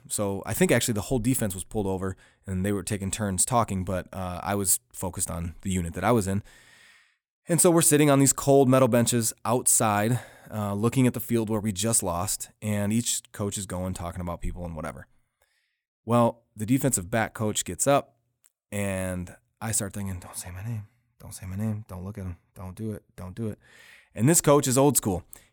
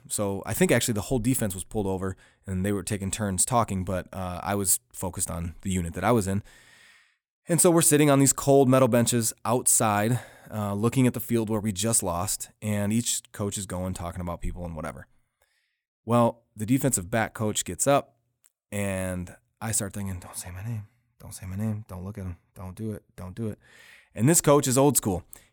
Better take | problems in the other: neither | none

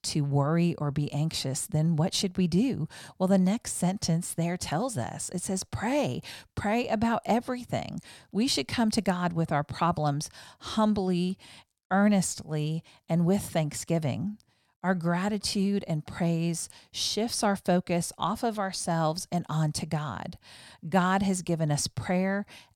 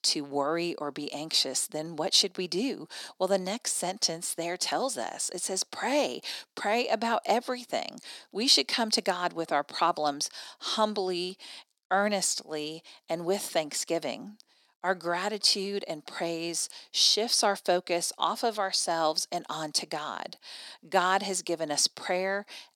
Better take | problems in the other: first | thin; somewhat; fading below 300 Hz

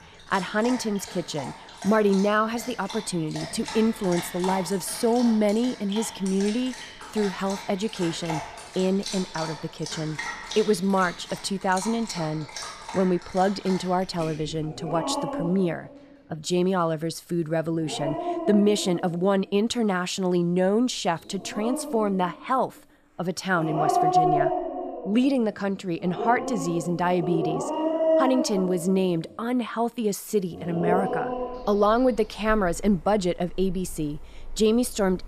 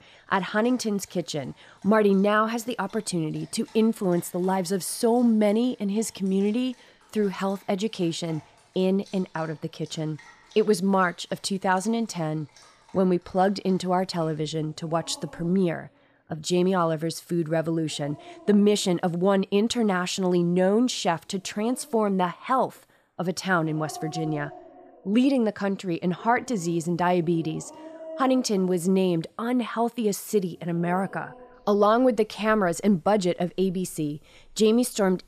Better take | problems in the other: second | animal sounds; loud; throughout; 6 dB below the speech; faint in the second

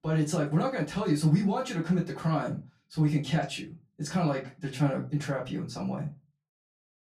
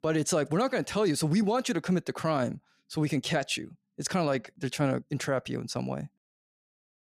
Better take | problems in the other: second | off-mic speech; far // room echo; very slight; dies away in 0.2 s

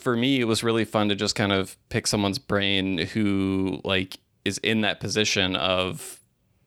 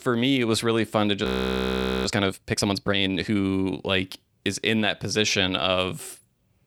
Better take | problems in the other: first | audio freezing; at 1.5 s for 1 s

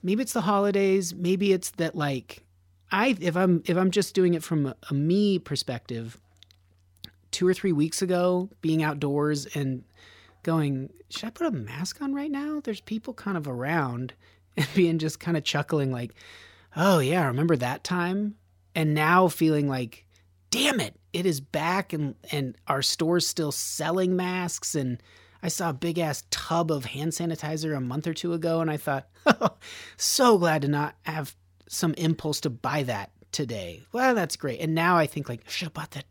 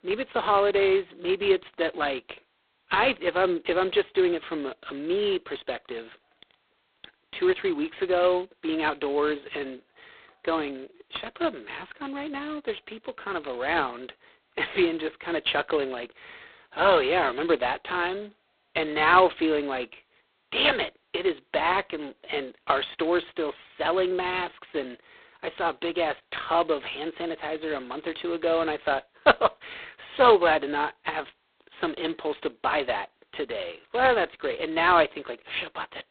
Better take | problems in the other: first | phone-call audio; poor line; nothing above 4 kHz

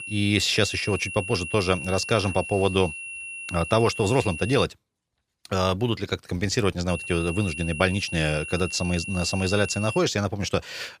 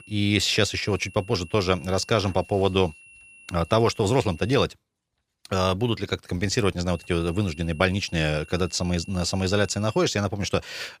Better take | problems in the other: second | high-pitched whine; loud; until 4.5 s and from 7 to 10 s; 2.5 kHz, 8 dB below the speech; faint in the second

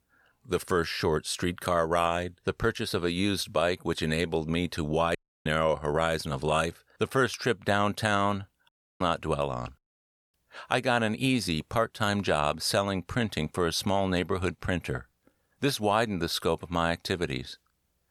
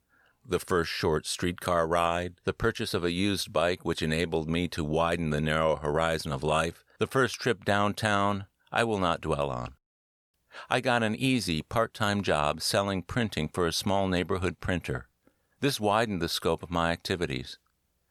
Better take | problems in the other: second | audio cutting out; at 5 s and at 8.5 s

